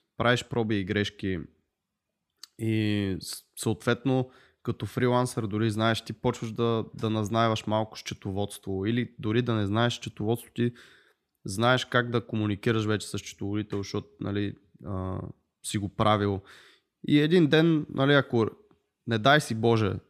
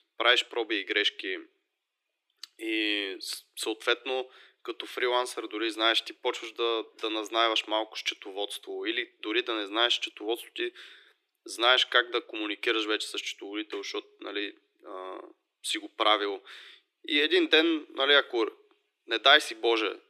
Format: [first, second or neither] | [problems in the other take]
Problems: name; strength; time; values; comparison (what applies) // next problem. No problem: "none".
first | thin; very; fading below 300 Hz